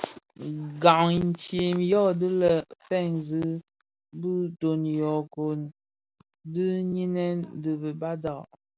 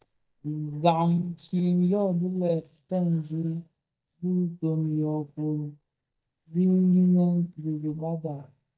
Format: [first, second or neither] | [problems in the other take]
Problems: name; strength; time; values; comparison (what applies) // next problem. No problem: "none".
first | noise reduction (neural mask model DeepFilterNet 3)